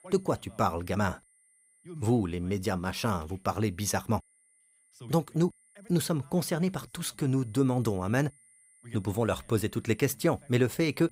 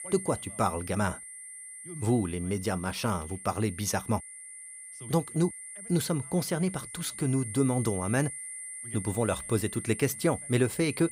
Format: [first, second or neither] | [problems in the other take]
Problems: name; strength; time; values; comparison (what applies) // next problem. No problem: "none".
first | high-pitched whine; loud; throughout; 9 kHz, 10 dB below the speech; faint in the first